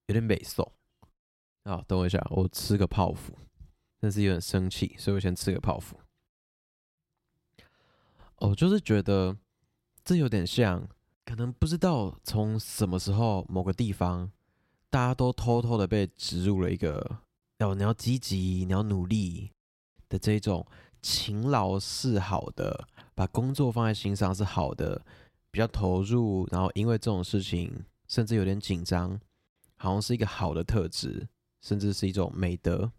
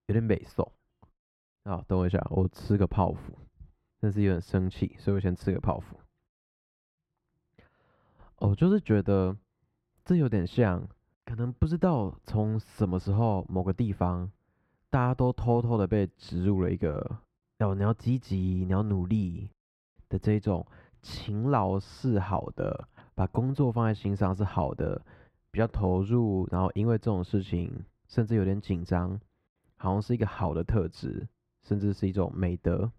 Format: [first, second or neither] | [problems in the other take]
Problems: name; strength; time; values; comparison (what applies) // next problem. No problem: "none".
first | muffled; very; fading above 3 kHz